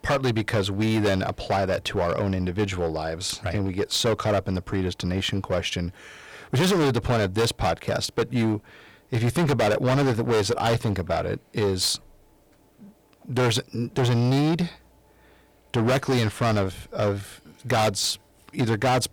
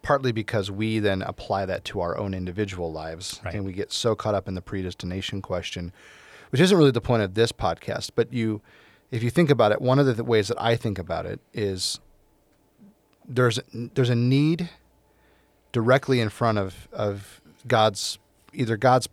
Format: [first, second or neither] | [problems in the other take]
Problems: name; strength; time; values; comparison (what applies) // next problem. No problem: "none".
second | distortion; heavy; 14% of the sound clipped